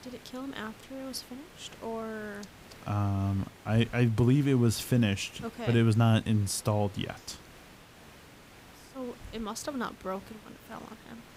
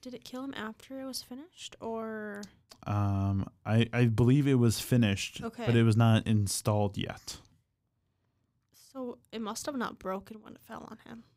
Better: second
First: hiss; faint; throughout; 20 dB below the speech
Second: none

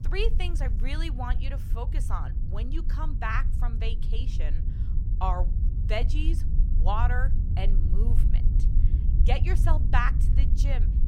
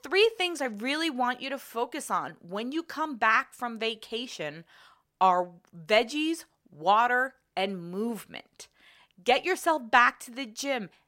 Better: second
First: low rumble; noticeable; throughout; 10 dB below the speech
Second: none

